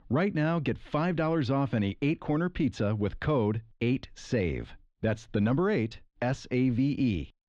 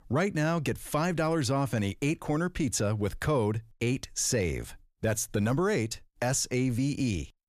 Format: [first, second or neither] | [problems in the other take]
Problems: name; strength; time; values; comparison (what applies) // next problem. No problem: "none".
second | muffled; very; fading above 3.5 kHz